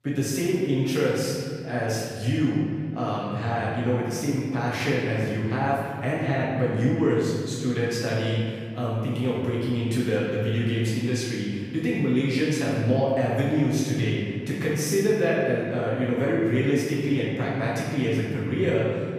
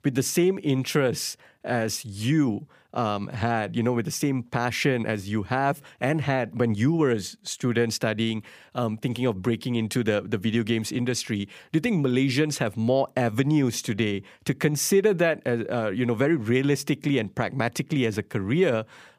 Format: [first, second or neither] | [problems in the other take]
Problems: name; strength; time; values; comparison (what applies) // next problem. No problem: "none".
second | room echo; strong; dies away in 2 s // off-mic speech; far